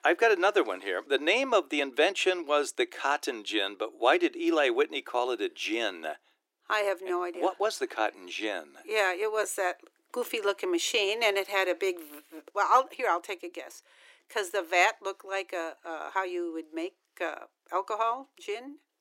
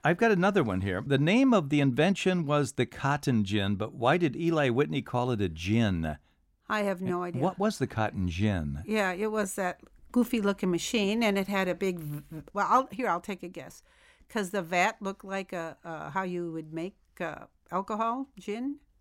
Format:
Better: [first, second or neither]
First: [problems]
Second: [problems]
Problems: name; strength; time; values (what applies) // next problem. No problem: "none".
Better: second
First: thin; very; fading below 350 Hz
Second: none